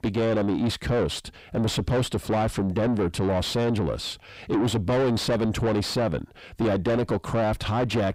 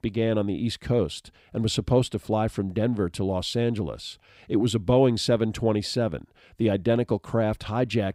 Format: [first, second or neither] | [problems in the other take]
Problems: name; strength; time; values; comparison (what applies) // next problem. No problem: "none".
second | distortion; heavy; 5 dB below the speech